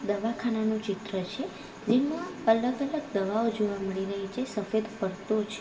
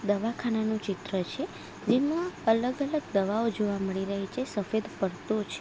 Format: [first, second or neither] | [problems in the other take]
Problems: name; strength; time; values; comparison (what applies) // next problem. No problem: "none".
second | room echo; dies away in 2.1 s